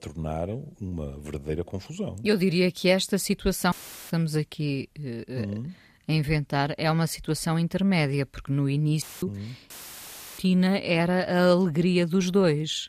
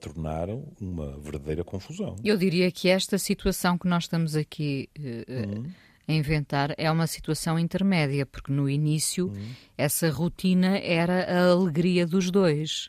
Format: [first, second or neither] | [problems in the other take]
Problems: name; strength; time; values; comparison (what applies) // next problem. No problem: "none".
second | audio cutting out; filled with static; at 3.5 s, at 9 s and at 9.5 s for 0.5 s